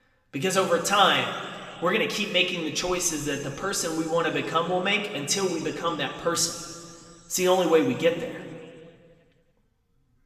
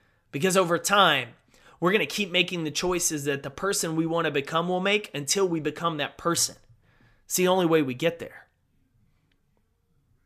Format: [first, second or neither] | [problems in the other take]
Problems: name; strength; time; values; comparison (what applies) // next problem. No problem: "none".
second | room echo; slight; dies away in 1.9 s // off-mic speech; somewhat distant